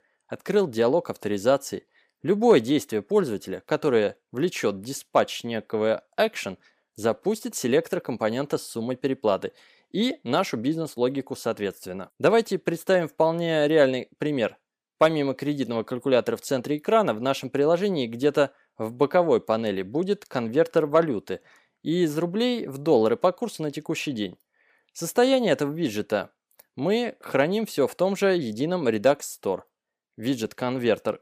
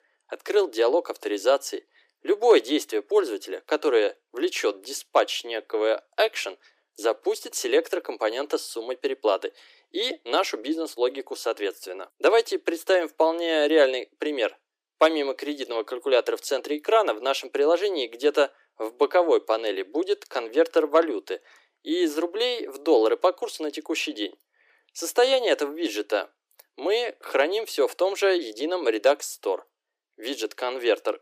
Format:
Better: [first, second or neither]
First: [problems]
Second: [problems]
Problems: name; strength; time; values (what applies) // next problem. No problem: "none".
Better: first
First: none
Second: thin; somewhat; fading below 300 Hz